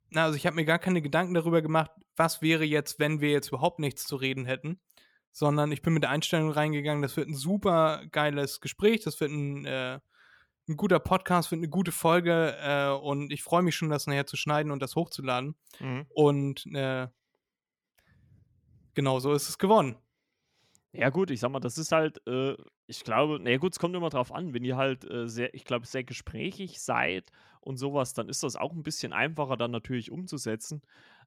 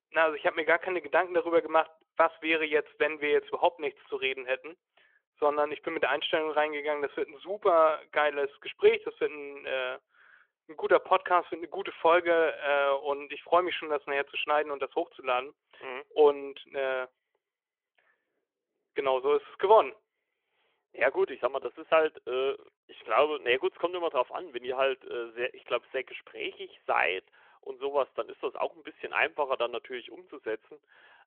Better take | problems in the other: first | phone-call audio; nothing above 3.5 kHz

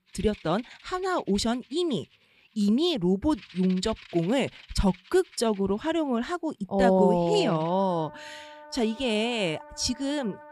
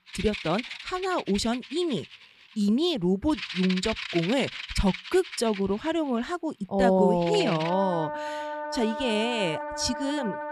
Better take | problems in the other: first | background music; loud; throughout; 8 dB below the speech; faint in the first

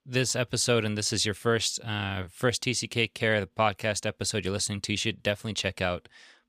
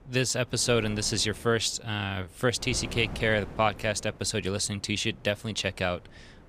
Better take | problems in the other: first | wind noise on the microphone; occasional gusts; 20 dB below the speech

